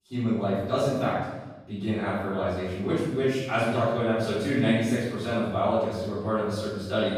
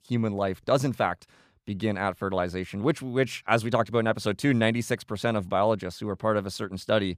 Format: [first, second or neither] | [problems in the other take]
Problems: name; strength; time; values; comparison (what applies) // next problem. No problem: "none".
second | off-mic speech; far // room echo; strong; dies away in 1 s